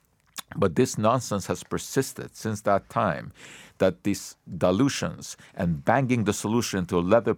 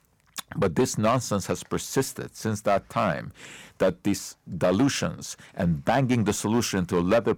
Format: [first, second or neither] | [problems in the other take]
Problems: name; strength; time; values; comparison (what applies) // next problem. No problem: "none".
first | distortion; slight; 4% of the sound clipped